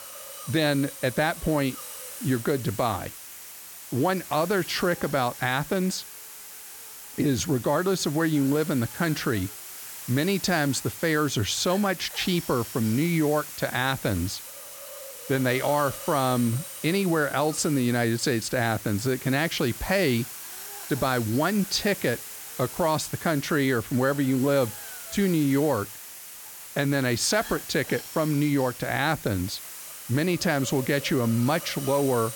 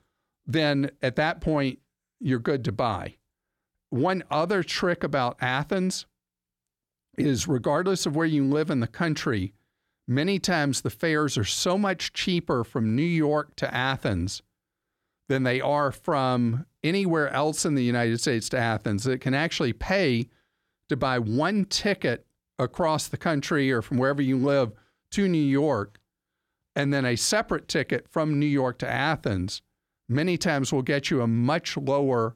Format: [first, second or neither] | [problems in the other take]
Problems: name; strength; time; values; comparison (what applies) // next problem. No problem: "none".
second | hiss; noticeable; throughout; 10 dB below the speech